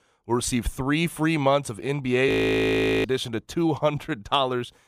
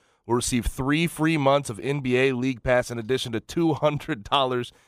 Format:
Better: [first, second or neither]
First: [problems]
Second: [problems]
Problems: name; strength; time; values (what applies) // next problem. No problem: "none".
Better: second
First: audio freezing; at 2.5 s for 1 s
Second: none